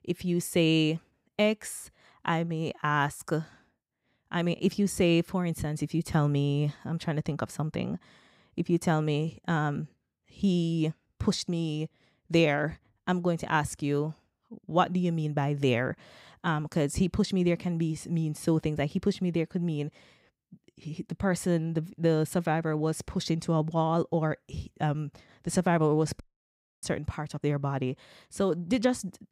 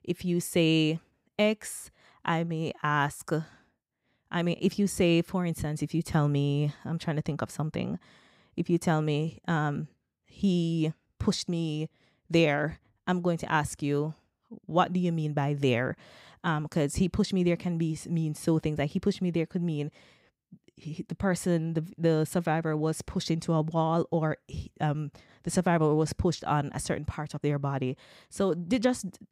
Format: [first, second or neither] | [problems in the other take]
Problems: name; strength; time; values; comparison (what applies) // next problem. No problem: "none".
second | audio cutting out; at 26 s for 0.5 s